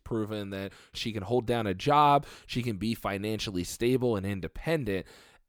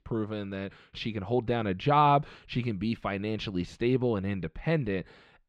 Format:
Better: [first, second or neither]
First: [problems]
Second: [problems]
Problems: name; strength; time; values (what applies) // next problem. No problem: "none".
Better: first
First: none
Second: muffled; very slightly; fading above 3 kHz